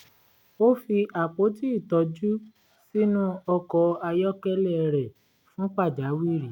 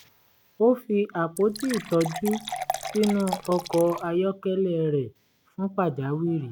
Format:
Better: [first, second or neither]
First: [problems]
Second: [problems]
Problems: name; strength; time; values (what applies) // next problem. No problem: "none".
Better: first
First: none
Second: background sound (Fill (with liquid) / Water); 9 dB below the speech